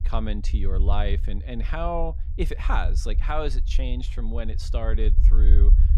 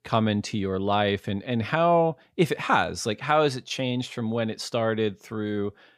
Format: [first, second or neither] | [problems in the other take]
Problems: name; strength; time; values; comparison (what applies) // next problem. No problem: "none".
second | low rumble; noticeable; throughout; 15 dB below the speech